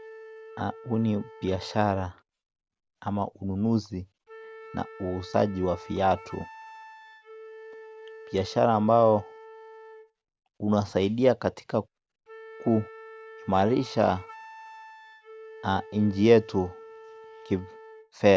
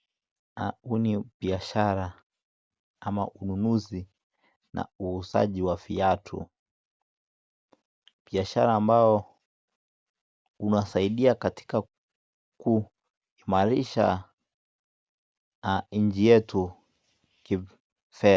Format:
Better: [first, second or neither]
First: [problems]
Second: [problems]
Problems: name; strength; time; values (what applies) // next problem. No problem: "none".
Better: second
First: background sound (Wind instrument, woodwind instrument); 19 dB below the speech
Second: none